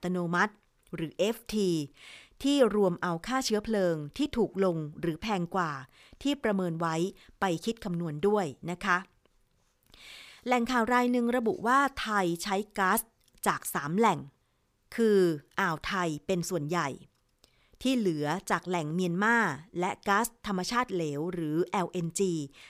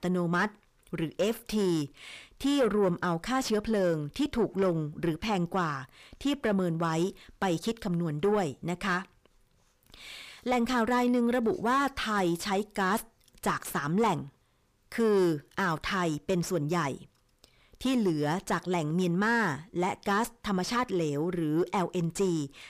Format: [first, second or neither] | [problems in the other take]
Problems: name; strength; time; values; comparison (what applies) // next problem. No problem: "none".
first | distortion; slight; 10 dB below the speech